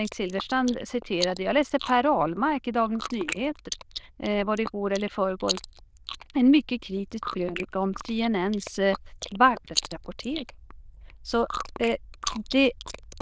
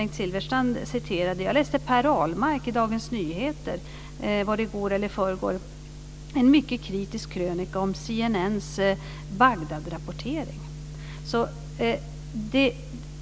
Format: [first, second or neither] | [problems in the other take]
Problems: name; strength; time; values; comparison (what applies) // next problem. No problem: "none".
second | noise reduction (neural diffusion model UNIVERSE++)